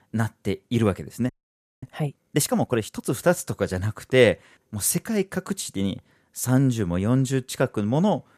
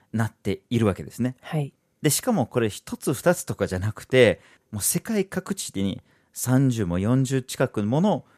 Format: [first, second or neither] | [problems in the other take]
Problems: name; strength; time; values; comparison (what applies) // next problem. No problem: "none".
second | audio freezing; at 1.5 s for 0.5 s